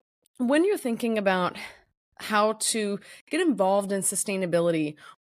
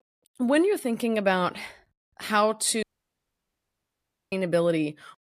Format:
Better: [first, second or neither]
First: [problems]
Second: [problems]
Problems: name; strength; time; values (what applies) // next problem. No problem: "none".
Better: first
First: none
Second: audio cutting out; at 3 s for 1.5 s